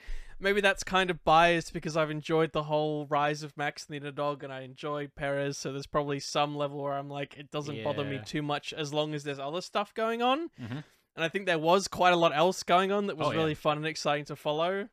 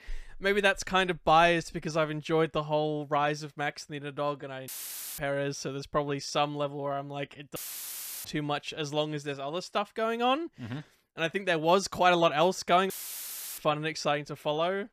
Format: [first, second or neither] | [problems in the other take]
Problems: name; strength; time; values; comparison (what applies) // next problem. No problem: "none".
first | audio cutting out; filled with static; at 4.5 s for 0.5 s, at 7.5 s for 0.5 s and at 13 s for 0.5 s